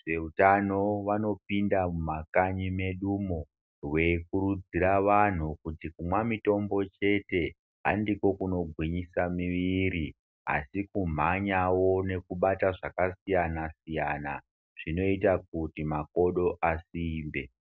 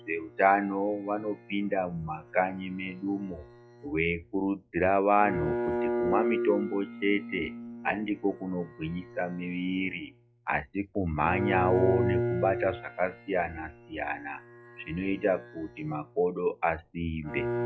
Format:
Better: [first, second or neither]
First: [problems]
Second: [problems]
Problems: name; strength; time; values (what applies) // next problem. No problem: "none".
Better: first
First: none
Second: noise reduction (classical method log-MMSE)